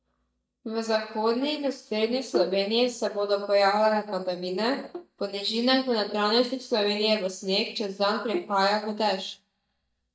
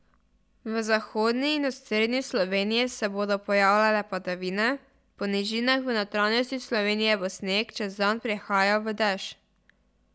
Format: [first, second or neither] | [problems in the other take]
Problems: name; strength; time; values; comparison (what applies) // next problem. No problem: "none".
second | noise reduction (neural mask model DeepFilterNet 3)